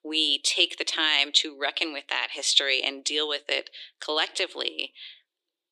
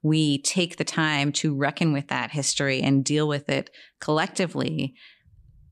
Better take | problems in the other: second | thin; very; fading below 350 Hz

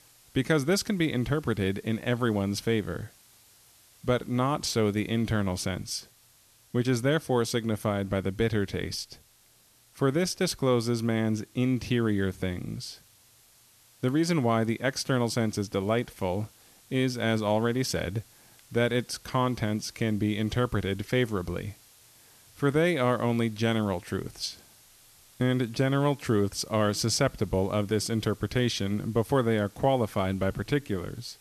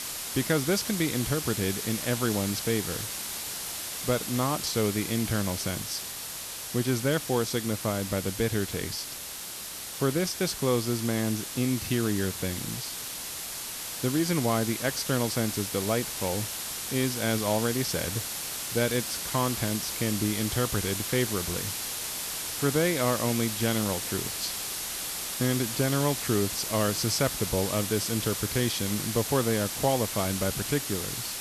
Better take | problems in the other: first | hiss; loud; throughout; 3 dB below the speech; faint in the first

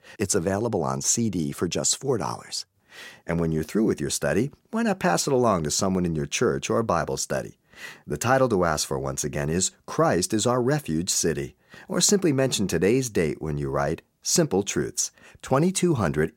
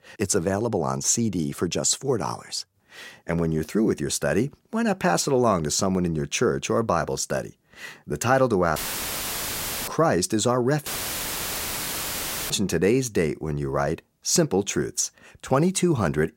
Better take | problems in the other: first | audio cutting out; filled with static; at 9 s for 1 s and at 11 s for 1.5 s

